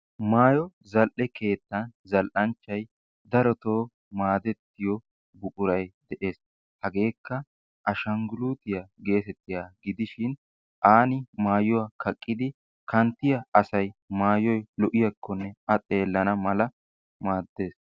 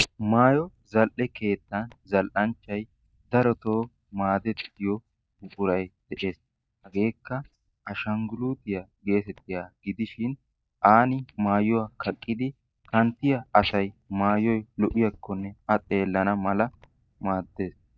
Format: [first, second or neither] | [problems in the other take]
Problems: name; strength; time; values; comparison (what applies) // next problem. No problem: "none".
first | noise reduction (neural mask model DeepFilterNet 3)